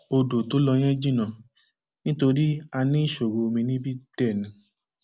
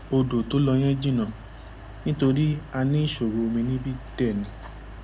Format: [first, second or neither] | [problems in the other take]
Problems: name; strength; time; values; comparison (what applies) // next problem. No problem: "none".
first | background sound (Mechanical fan); 15 dB below the speech